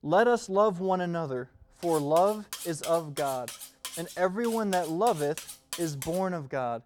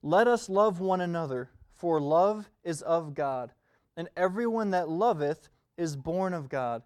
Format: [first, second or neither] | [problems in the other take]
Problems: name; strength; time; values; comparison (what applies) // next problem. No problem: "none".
second | clattering dishes; noticeable; from 2 to 6 s; peak 8 dB below the speech